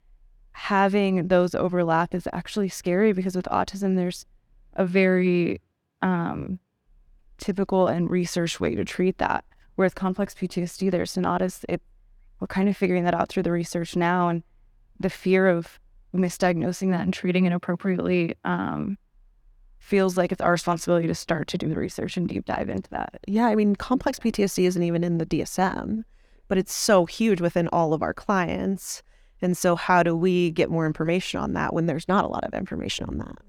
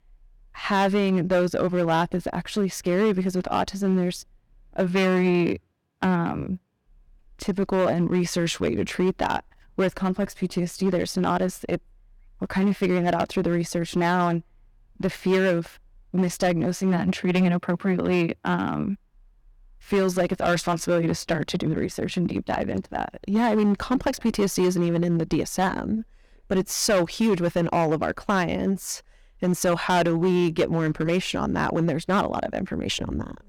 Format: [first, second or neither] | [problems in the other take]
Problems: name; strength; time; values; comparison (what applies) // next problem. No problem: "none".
first | distortion; slight; 6% of the sound clipped